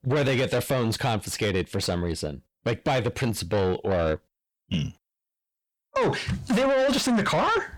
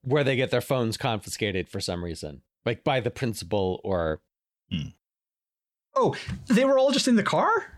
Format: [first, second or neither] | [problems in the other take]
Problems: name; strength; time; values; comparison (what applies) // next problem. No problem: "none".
second | distortion; heavy; 7 dB below the speech